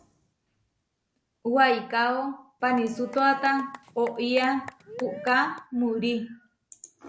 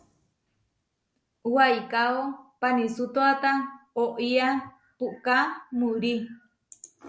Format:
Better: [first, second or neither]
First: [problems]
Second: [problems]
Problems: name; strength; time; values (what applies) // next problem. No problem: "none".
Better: second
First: background sound (Applause / Cheering / Clapping); 16 dB below the speech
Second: none